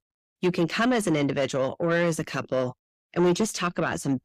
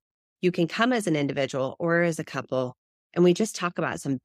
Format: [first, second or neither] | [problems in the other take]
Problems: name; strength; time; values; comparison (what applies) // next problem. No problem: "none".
second | distortion; slight; 10 dB below the speech